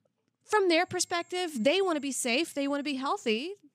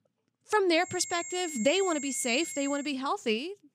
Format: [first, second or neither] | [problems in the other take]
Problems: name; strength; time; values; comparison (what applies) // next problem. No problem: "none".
first | high-pitched whine; loud; from 1 to 3 s; 7.5 kHz, 9 dB below the speech; faint in the first